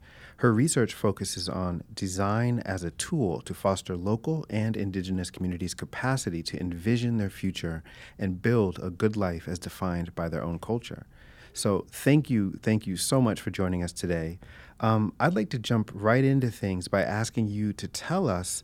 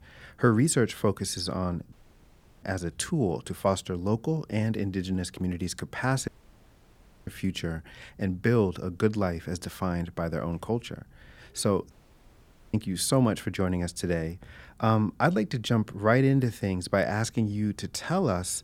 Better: first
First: none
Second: audio cutting out; at 2 s for 0.5 s, at 6.5 s for 1 s and at 12 s for 1 s

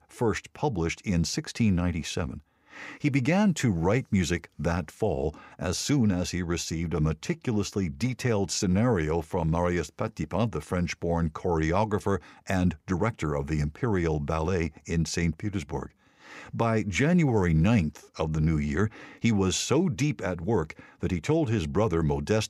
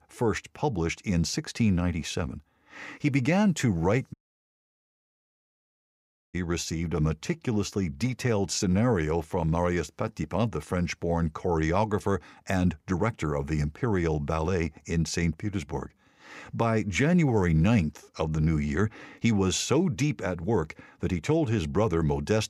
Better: first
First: none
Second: audio cutting out; at 4 s for 2 s

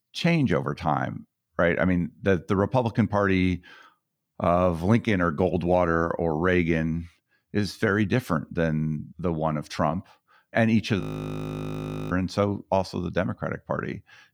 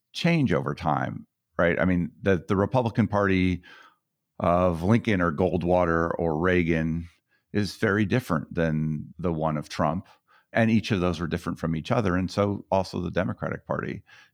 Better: second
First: audio freezing; at 11 s for 1 s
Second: none

